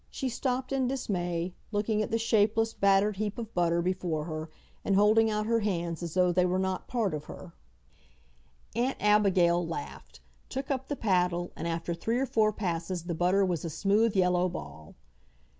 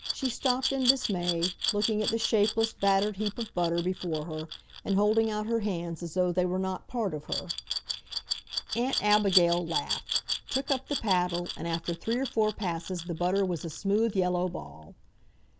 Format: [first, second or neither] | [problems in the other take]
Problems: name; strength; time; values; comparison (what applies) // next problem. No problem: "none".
first | background sound (Glass); 7 dB below the speech